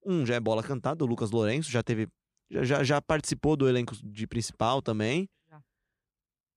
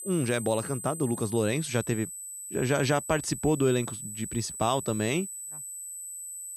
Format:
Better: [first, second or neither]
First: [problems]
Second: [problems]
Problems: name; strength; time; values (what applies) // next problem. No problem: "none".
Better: first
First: none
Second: high-pitched whine; loud; throughout; 8 kHz, 8 dB below the speech